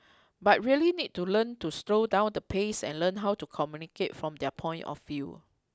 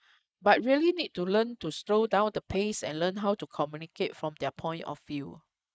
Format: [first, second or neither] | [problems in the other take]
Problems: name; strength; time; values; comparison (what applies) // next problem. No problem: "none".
first | noise reduction (neural mask model Resemble Enhance denoiser)